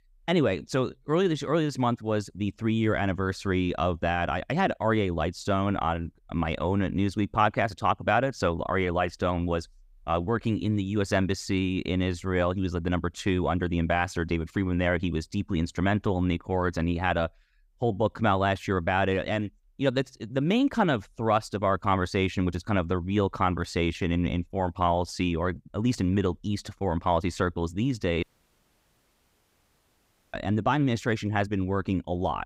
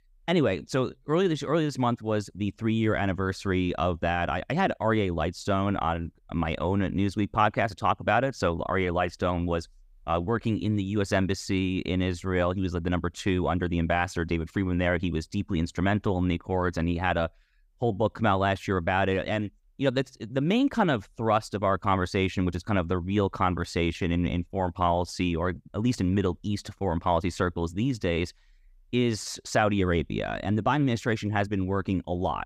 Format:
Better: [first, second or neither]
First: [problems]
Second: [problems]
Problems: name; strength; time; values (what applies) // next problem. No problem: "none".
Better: second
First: audio cutting out; at 28 s for 2 s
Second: none